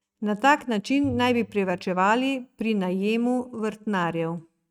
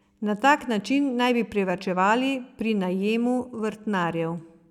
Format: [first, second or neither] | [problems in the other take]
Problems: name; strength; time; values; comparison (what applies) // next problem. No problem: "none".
second | noise reduction (neural mask model RNNoise)